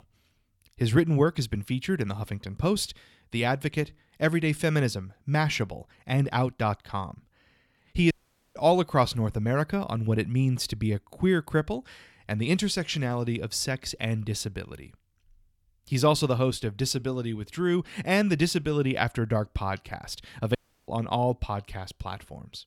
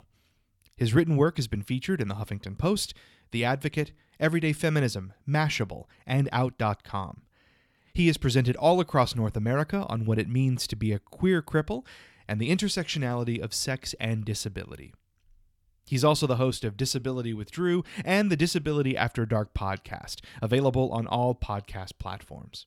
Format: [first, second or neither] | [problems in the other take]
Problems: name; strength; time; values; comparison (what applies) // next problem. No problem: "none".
second | audio cutting out; at 8 s and at 21 s